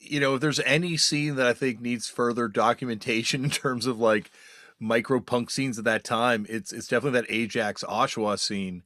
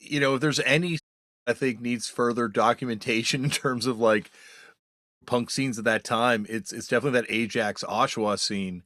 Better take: first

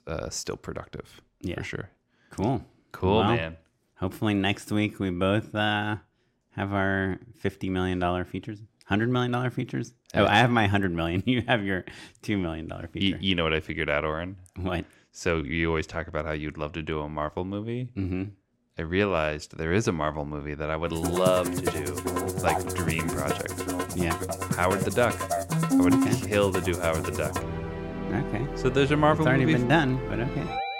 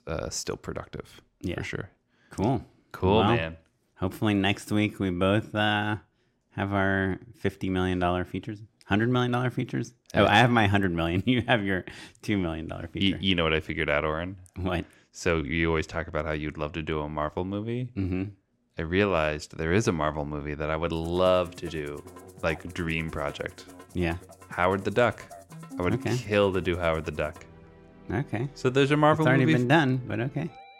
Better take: second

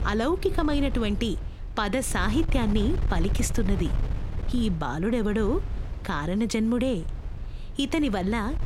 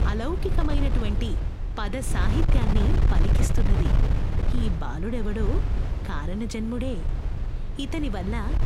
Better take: first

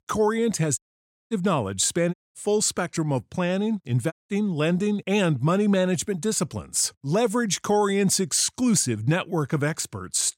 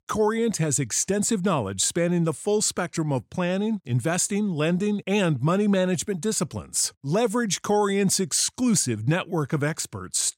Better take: second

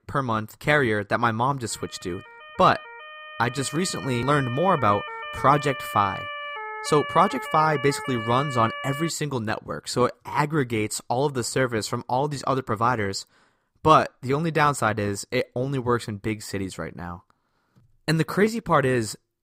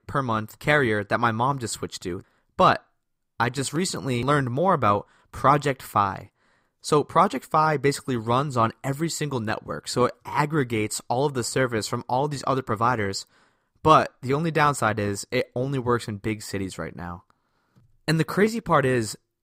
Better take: second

